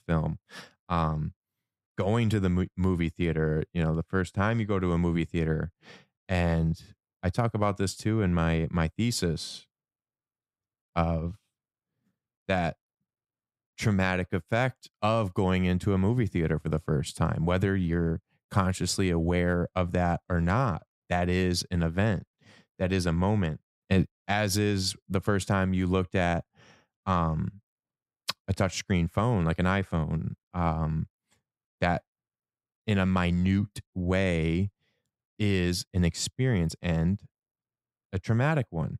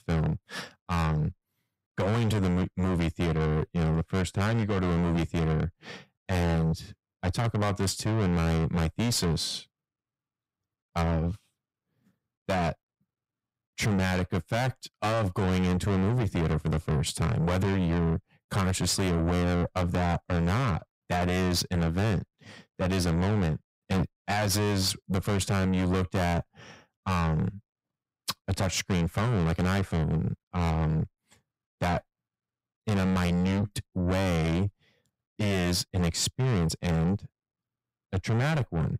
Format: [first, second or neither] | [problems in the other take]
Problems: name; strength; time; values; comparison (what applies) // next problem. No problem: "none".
first | distortion; heavy; 6 dB below the speech